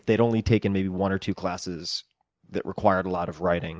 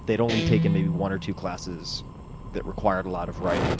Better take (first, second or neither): first